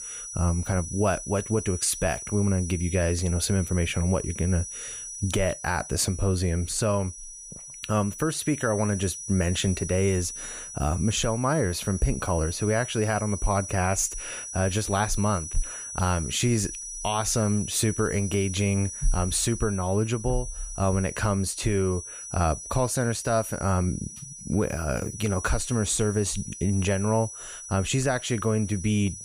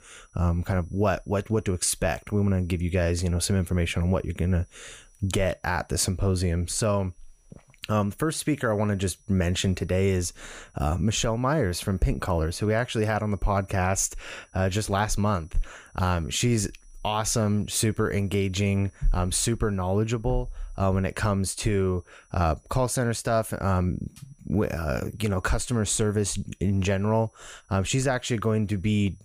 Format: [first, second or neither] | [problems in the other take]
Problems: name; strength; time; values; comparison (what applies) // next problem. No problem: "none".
second | high-pitched whine; loud; throughout; 6 kHz, 9 dB below the speech; faint in the second